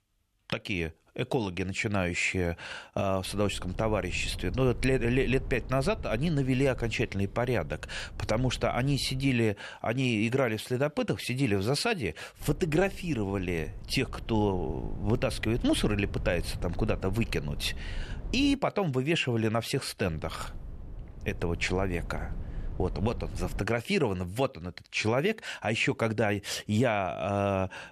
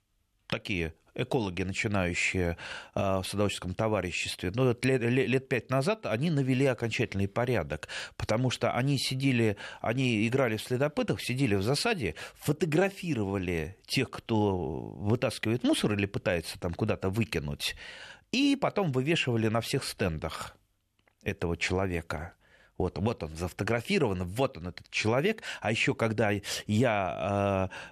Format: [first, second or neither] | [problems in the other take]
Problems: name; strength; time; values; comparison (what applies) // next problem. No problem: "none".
second | low rumble; faint; from 3.5 to 9.5 s, from 12 to 19 s and from 20 to 24 s; 25 dB below the speech